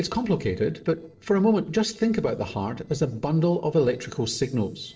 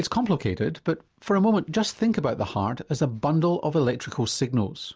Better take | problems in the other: second | noise reduction (neural separator model SepFormer DNS4)

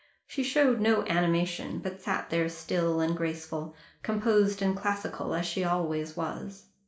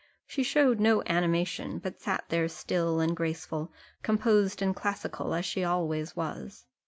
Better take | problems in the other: second | room echo; dies away in 0.4 s

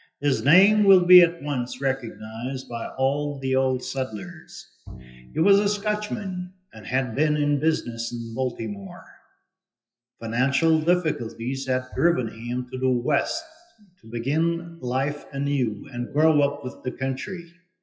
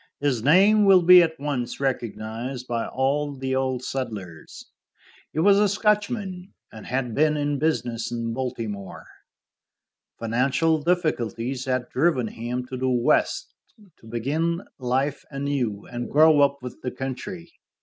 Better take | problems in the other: second | noise reduction (classical method WPE with log-MMSE)

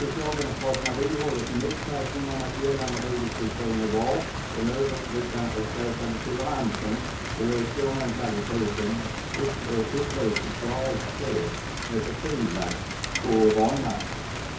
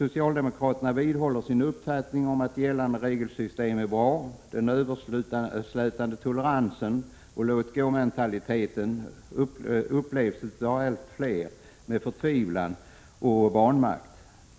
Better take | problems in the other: second | background sound (Rain); 4 dB below the speech // room echo; dies away in 0.6 s

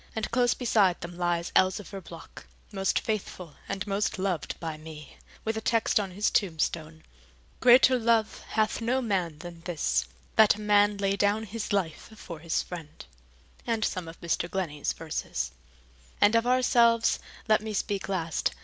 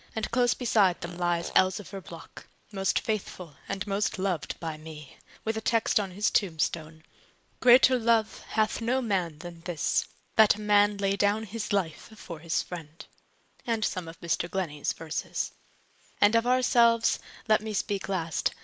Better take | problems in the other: first | noise reduction (neural mask model Resemble Enhance denoiser)

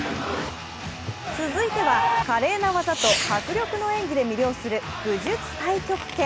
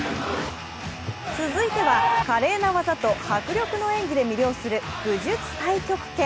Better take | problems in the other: second | background sound (Fireworks); 11 dB below the speech

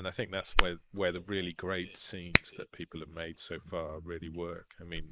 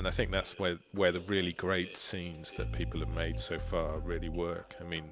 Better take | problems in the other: second | noise reduction (neural mask model Resemble Enhance denoiser)

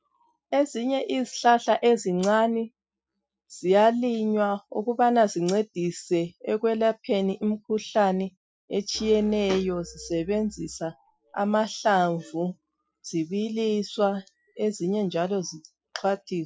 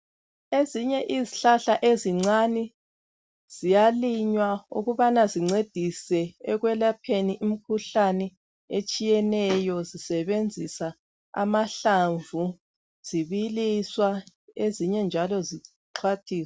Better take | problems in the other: second | noise reduction (classical method Wiener filter)

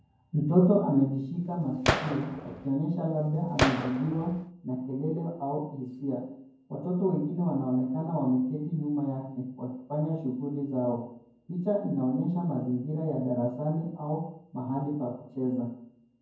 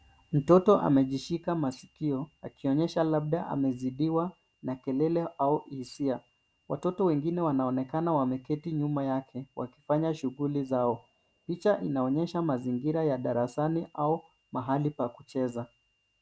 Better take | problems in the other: second | background sound (Gunshot, gunfire); 3 dB below the speech // room echo; dies away in 0.9 s

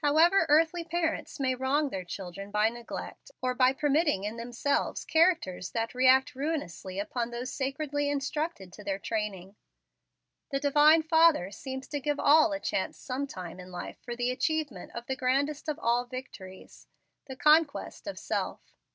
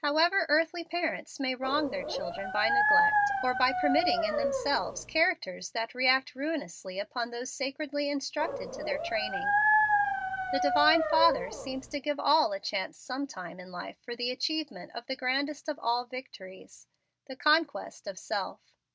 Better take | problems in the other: first | background sound (Dog); 2 dB above the speech

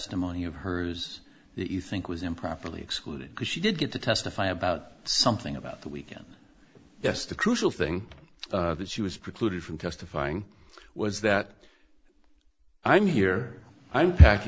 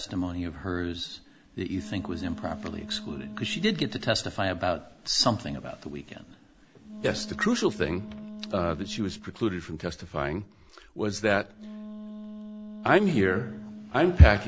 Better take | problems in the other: first | background sound (Wind instrument, woodwind instrument); 14 dB below the speech

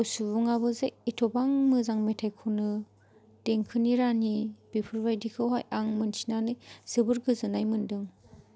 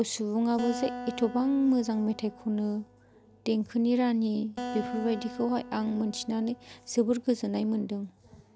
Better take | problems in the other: first | background sound (Acoustic guitar); 13 dB below the speech

